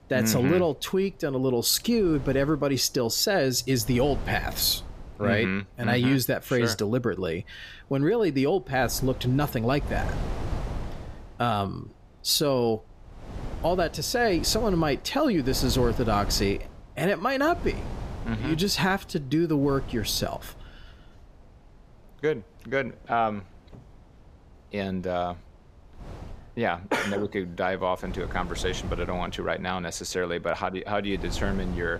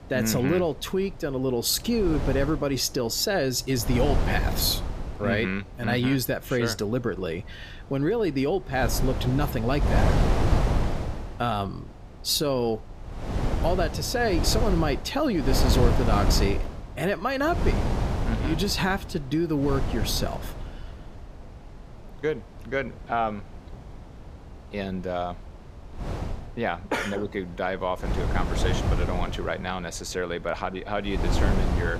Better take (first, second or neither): first